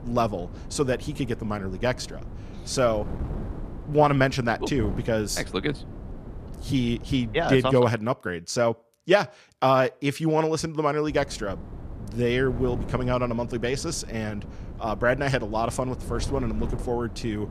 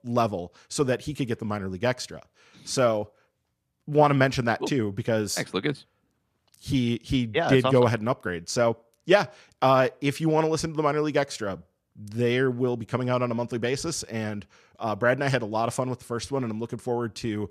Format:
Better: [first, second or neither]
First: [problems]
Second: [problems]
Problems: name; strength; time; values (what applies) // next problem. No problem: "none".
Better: second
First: wind noise on the microphone; occasional gusts; until 8 s and from 11 s on; 20 dB below the speech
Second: none